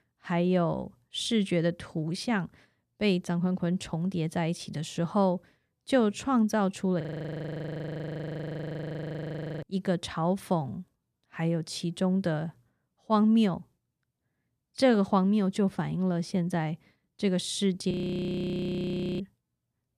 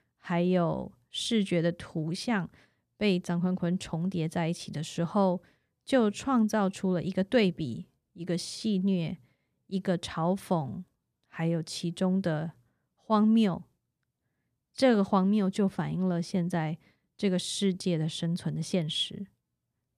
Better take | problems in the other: second | audio freezing; at 7 s for 2.5 s and at 18 s for 1.5 s

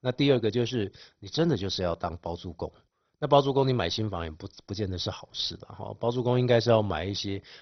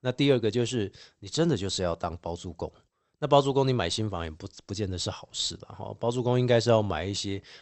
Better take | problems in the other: second | garbled, watery; badly; nothing above 6 kHz; slightly in the second

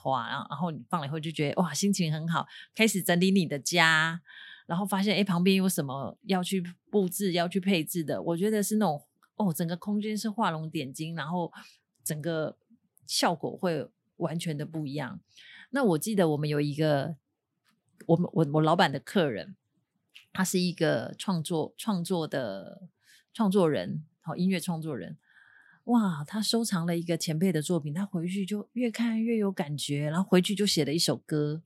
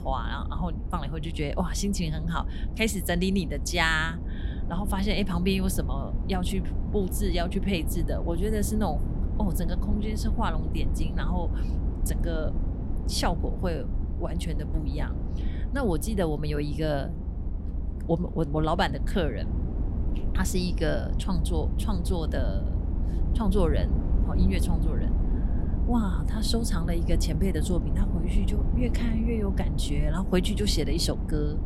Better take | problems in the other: first | low rumble; noticeable; throughout; 10 dB below the speech

